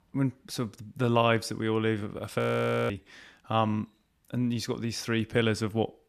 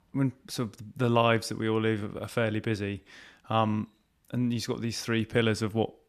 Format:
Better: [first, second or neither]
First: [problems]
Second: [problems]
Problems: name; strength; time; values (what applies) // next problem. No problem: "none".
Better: second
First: audio freezing; at 2.5 s for 0.5 s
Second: none